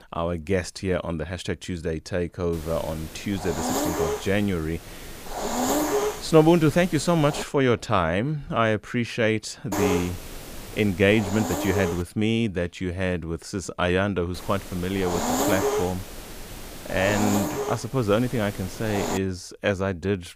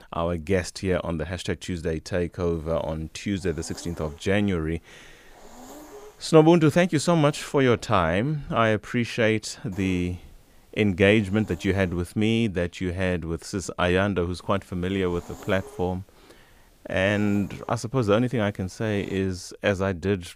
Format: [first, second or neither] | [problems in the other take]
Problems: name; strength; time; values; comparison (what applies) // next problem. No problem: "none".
second | hiss; loud; from 2.5 to 7.5 s, from 9.5 to 12 s and from 14 to 19 s; 5 dB below the speech; faint in the second